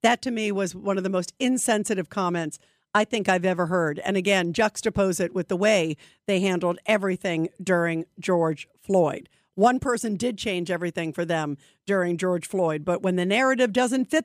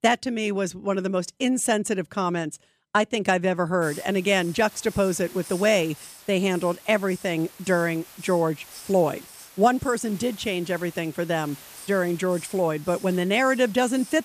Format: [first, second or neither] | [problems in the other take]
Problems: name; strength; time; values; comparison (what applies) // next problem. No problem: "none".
first | hiss; noticeable; from 4 s on; 20 dB below the speech